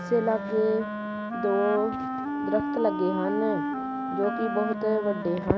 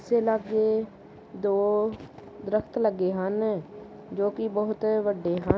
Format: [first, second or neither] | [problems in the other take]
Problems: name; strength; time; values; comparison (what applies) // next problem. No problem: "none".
second | background sound (Wind instrument, woodwind instrument); 4 dB below the speech